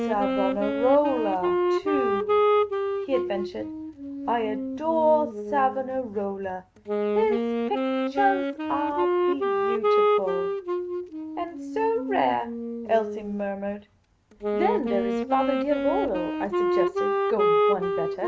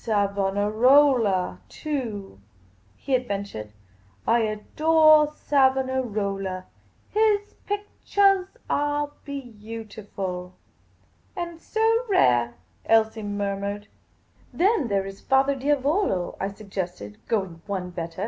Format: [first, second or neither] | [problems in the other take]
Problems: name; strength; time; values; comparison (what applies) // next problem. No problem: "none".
second | background sound (Wind instrument, woodwind instrument); 2 dB above the speech